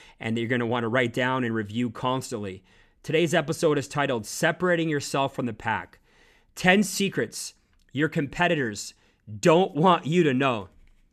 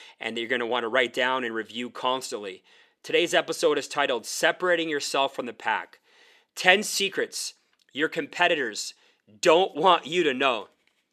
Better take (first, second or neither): first